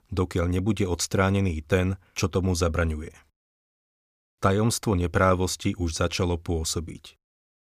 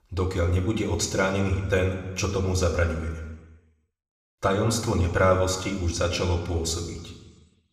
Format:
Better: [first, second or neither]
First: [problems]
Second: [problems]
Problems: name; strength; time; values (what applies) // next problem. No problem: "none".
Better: first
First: none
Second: room echo; slight; dies away in 1.2 s // off-mic speech; somewhat distant